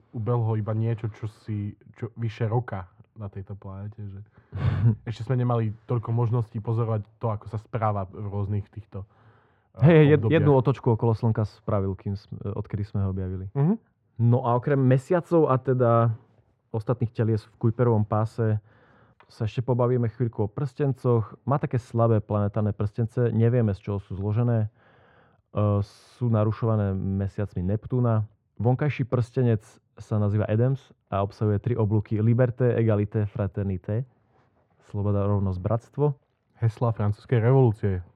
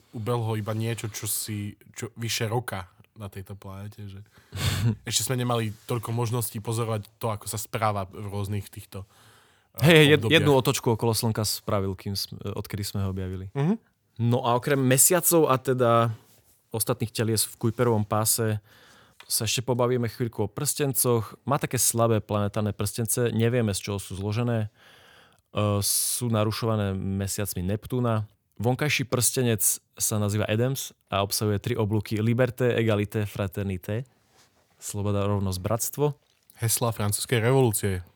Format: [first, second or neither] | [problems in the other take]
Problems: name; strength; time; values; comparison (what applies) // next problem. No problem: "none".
second | muffled; very; fading above 1.5 kHz